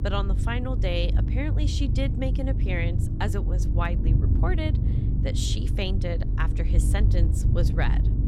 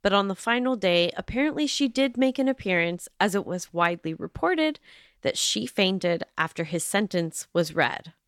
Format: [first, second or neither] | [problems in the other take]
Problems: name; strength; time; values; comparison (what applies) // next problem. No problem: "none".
second | low rumble; loud; throughout; 6 dB below the speech